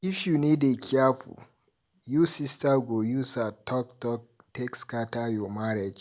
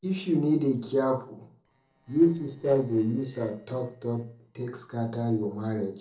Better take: first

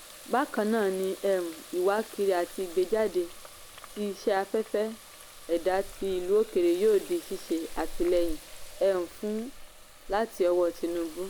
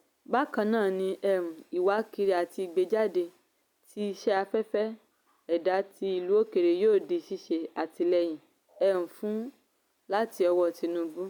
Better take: second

